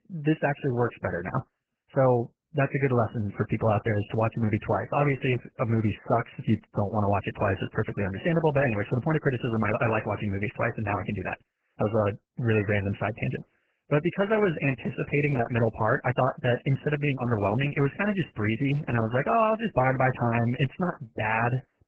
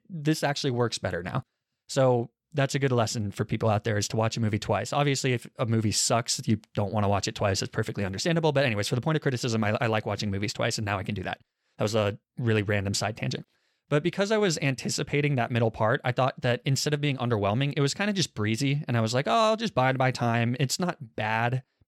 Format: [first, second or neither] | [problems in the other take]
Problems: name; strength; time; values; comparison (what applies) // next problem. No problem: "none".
second | garbled, watery; badly; nothing above 2.5 kHz